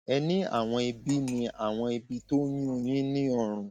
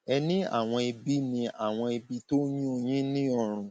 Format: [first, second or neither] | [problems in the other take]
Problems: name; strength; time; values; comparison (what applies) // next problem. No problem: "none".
second | noise reduction (neural mask model DeepFilterNet 3)